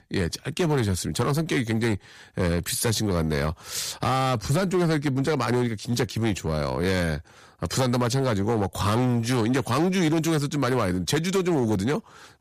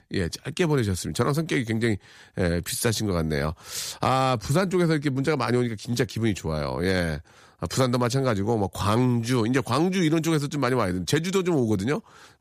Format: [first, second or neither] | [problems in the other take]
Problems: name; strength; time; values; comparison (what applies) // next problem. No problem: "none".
second | distortion; slight; 10% of the sound clipped